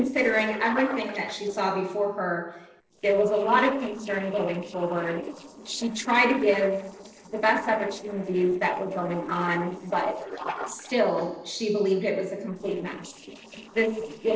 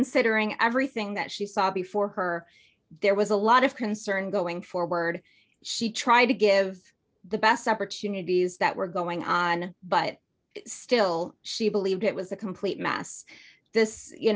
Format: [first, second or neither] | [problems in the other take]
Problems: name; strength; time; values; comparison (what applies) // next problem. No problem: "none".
second | noise reduction (neural separator model SepFormer DNS4)